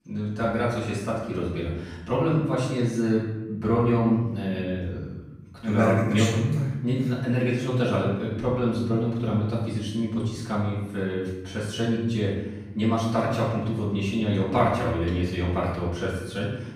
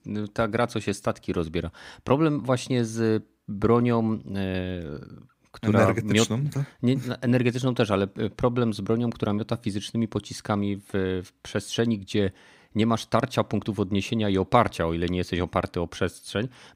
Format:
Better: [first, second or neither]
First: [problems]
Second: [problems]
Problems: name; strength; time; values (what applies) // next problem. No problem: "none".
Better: second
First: off-mic speech; far // room echo; noticeable; dies away in 1 s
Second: none